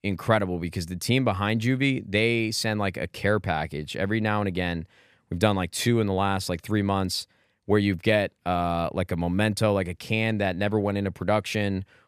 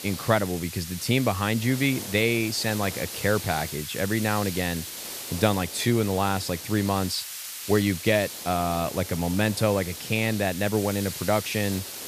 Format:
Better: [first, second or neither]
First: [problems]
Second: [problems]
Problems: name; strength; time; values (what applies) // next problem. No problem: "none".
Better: first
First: none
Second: hiss; loud; throughout; 9 dB below the speech